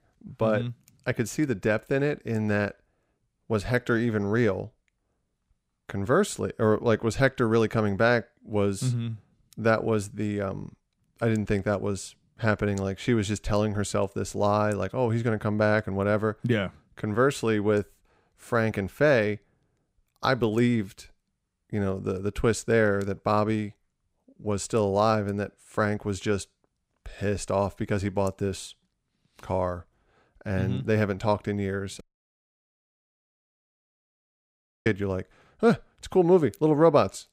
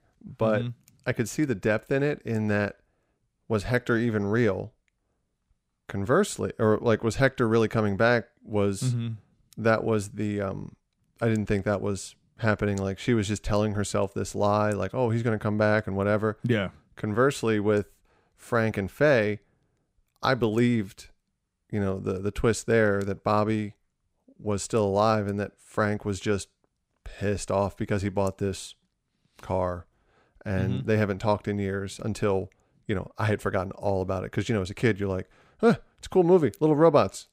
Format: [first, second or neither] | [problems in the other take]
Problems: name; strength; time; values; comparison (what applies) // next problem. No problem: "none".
second | audio cutting out; at 32 s for 3 s